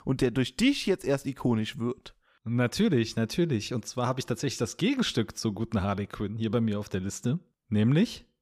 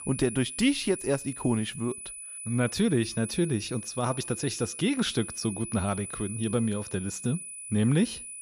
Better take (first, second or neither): first